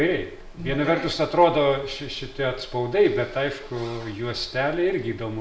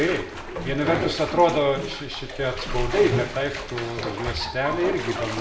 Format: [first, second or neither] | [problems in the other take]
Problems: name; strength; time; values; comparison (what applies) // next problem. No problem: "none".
first | background sound (Bathtub (filling or washing)); 6 dB below the speech